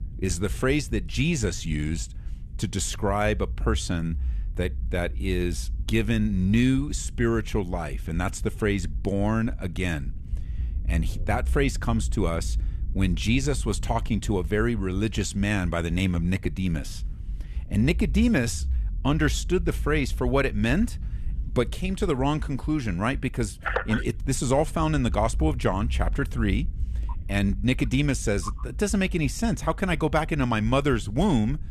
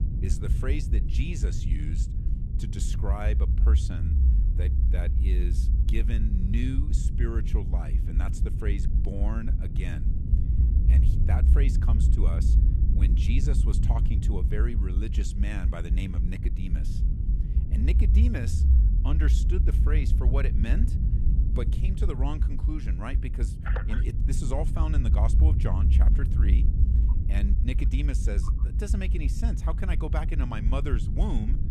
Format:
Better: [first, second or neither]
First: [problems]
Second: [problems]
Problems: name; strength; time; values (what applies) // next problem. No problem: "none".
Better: first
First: low rumble; faint; throughout; 25 dB below the speech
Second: low rumble; loud; throughout; 4 dB below the speech